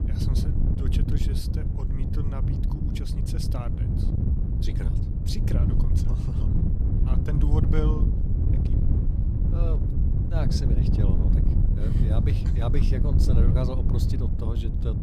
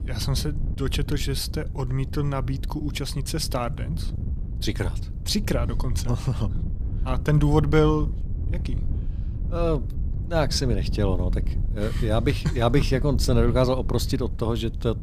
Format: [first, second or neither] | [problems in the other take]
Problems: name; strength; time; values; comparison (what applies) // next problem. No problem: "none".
second | wind noise on the microphone; heavy; 1 dB above the speech; occasional gusts in the second